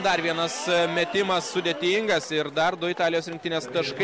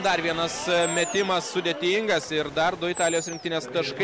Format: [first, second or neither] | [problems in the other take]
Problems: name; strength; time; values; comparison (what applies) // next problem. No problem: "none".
first | background sound (Animal); 13 dB below the speech